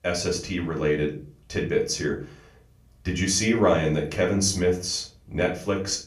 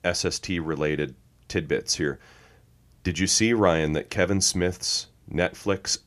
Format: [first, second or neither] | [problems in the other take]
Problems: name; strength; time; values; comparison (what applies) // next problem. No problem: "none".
second | off-mic speech; far // room echo; slight; dies away in 0.3 s